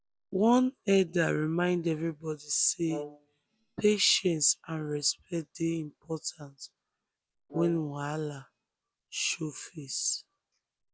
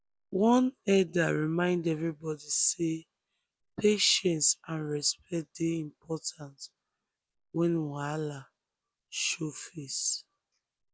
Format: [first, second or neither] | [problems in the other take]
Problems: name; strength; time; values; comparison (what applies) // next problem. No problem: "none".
second | background sound (Brass instrument); 13 dB below the speech